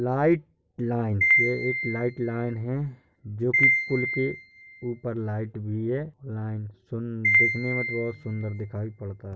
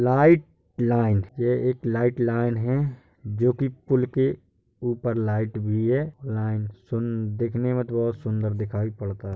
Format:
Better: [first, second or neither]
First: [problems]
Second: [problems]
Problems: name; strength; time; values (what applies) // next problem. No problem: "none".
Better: second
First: background sound (Piano); 2 dB above the speech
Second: none